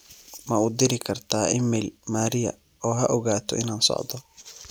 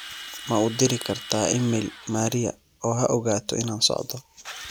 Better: first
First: none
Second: background sound (Drill); 16 dB below the speech

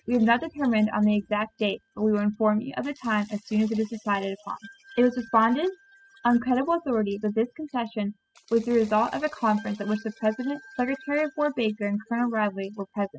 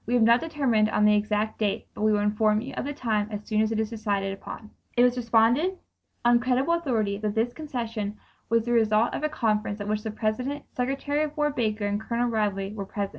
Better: second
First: noise reduction (classical method spectral subtraction)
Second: none

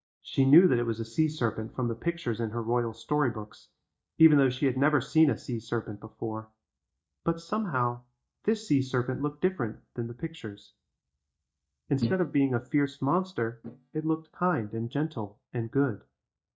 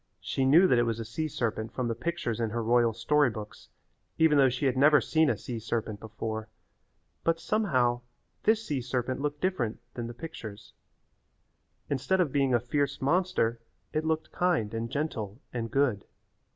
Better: second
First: noise reduction (neural mask model DeepFilterNet 3)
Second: none

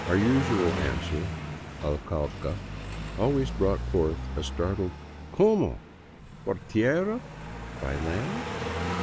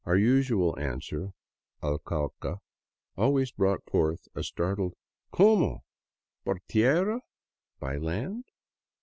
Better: second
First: background sound (Car passing by); 6 dB below the speech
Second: none

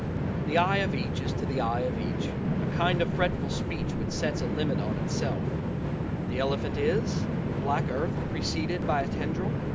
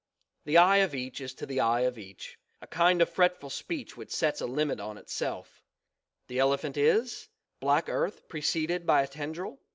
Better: second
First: background sound (Train); 4 dB above the speech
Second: none

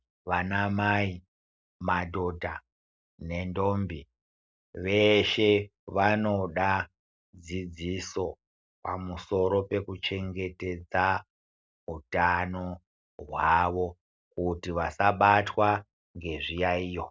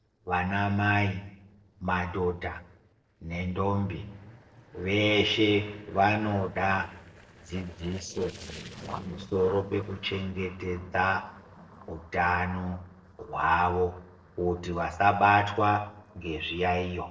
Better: first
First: none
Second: noise reduction (neural separator model SepFormer DNS4)

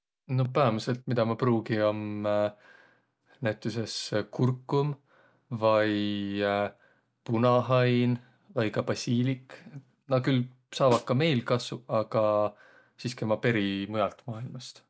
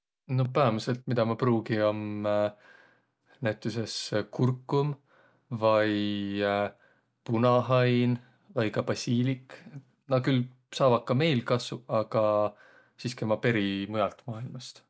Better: second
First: background sound (Snare drum); 14 dB below the speech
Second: none

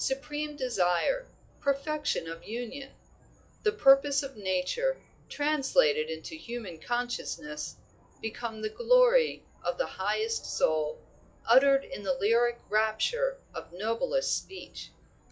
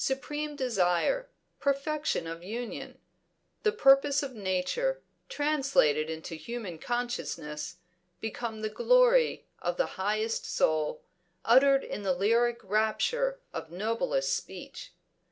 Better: second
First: noise reduction (classical method log-MMSE)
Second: none

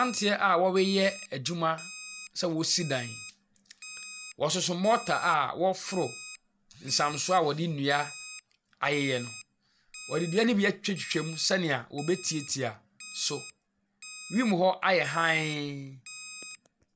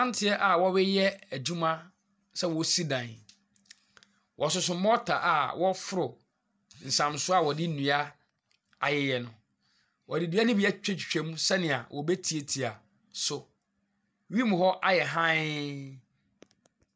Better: second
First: background sound (Alarm); 16 dB below the speech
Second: none

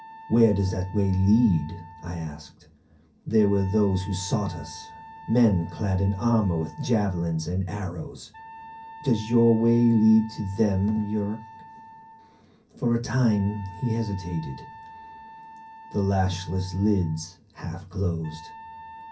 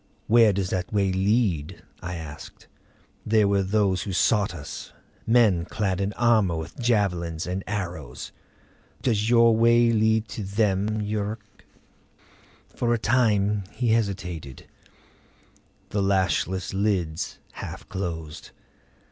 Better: second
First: background sound (Wind instrument, woodwind instrument); 19 dB below the speech // room echo; dies away in 0.3 s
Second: none

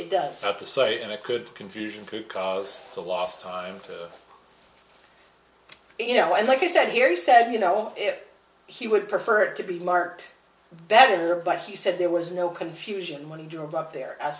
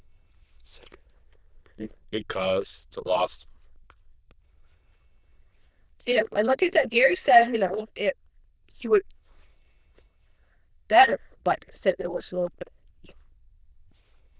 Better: first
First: none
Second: noise reduction (neural diffusion model UNIVERSE++)

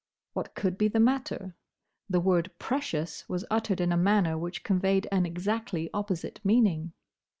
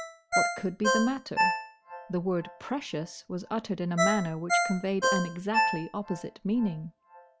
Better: first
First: none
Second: background sound (Ringtone); as loud as the speech

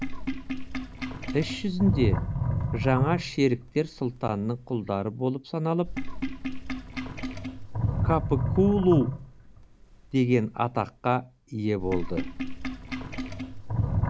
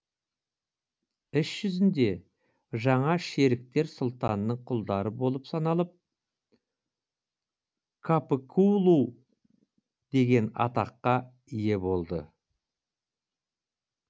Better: second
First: background sound (Sink (filling or washing)); 3 dB below the speech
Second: none

